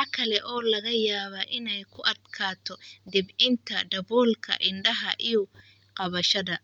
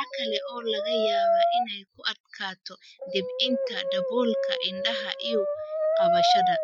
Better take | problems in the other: first | noise reduction (classical method Wiener filter)

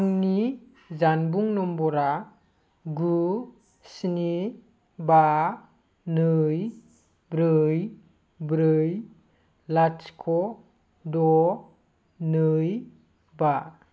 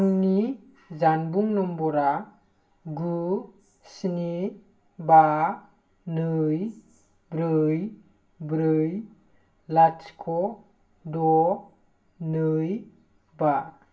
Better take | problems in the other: first | room echo; dies away in 0.2 s

